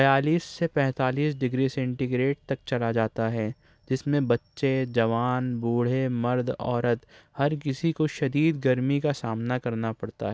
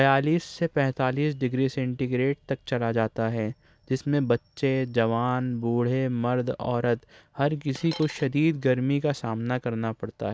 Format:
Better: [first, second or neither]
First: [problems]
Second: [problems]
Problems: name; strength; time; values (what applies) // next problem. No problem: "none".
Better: first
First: none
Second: background sound (Coin (dropping)); 15 dB below the speech